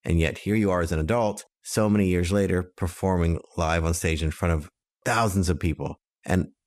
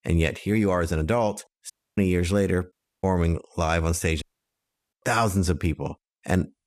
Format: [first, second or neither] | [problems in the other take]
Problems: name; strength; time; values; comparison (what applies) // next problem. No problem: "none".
first | audio cutting out; at 1.5 s, at 2.5 s and at 4 s for 0.5 s